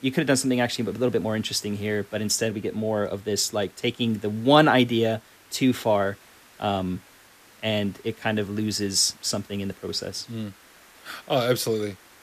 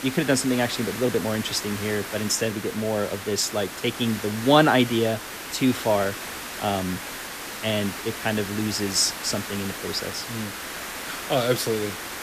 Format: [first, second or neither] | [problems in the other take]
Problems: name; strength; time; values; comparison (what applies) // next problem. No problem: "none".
first | hiss; loud; throughout; 8 dB below the speech; faint in the first